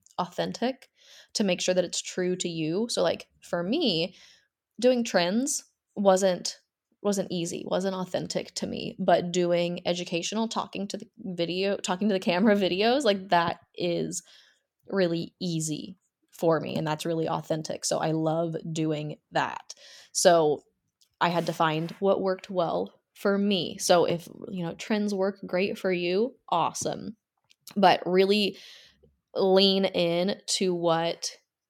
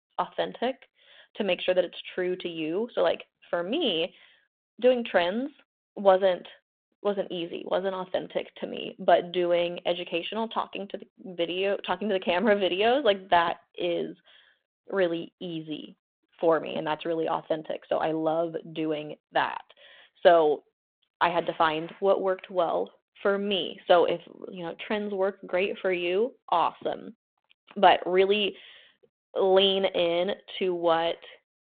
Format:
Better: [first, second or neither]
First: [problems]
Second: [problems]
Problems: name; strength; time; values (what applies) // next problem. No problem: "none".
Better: first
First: none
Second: phone-call audio